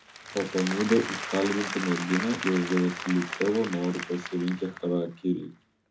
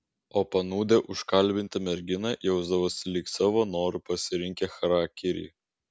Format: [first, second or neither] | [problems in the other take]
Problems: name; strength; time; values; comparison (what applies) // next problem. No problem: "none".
second | background sound (Applause); 8 dB below the speech // room echo; dies away in 0.3 s